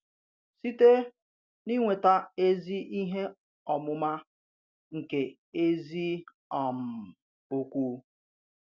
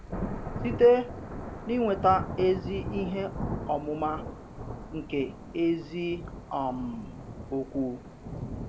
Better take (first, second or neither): first